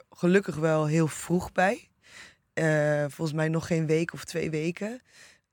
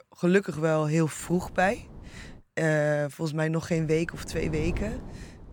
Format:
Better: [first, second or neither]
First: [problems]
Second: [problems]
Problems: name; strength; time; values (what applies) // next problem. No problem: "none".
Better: first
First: none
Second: wind noise on the microphone; occasional gusts; from 1 to 2.5 s and from 3.5 s on; 20 dB below the speech